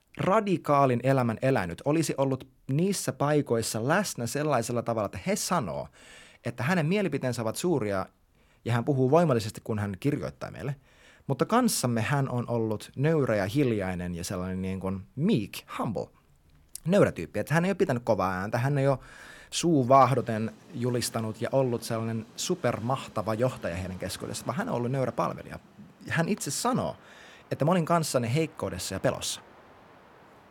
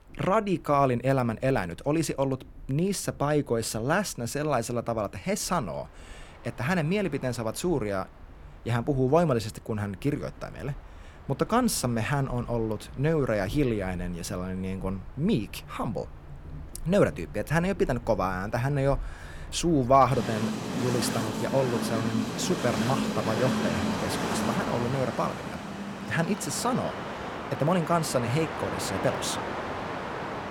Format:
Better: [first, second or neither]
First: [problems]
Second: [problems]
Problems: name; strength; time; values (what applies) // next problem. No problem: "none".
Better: first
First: train or aircraft noise; faint; throughout; 25 dB below the speech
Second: train or aircraft noise; loud; throughout; 6 dB below the speech